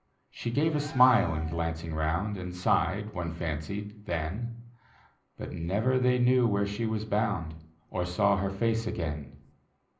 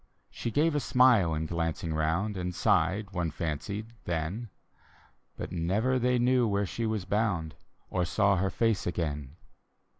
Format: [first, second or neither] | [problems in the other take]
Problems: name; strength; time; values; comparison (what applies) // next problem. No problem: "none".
second | background sound (Cheering); 18 dB below the speech // room echo; dies away in 0.5 s